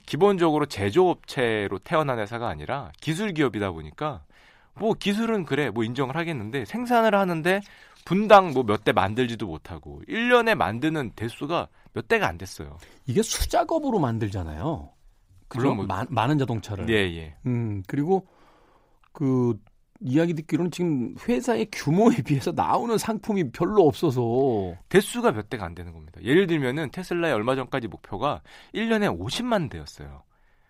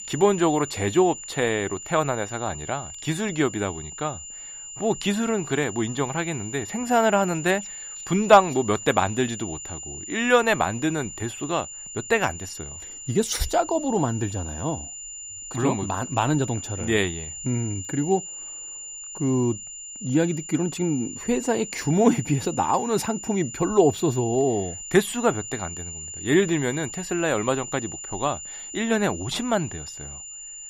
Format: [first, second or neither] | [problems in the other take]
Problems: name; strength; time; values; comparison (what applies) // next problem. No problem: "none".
first | high-pitched whine; noticeable; throughout; 7 kHz, 10 dB below the speech